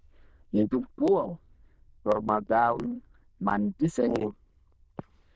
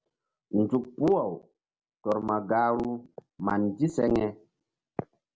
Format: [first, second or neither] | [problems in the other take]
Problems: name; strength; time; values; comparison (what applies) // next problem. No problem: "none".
second | noise reduction (neural diffusion model UNIVERSE++)